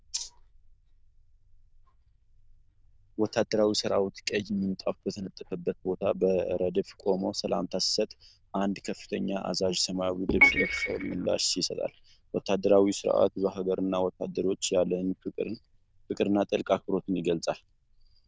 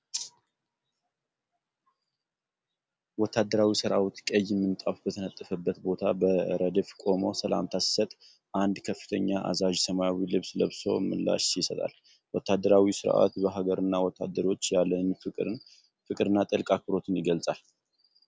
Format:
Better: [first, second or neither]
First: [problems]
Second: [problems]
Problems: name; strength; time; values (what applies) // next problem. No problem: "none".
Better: second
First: noise reduction (neural diffusion model UNIVERSE++)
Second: none